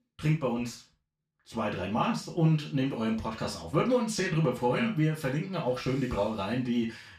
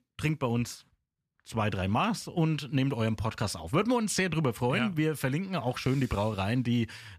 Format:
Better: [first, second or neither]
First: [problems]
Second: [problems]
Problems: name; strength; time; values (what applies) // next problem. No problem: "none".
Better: second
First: room echo; slight; dies away in 0.3 s // off-mic speech; far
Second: none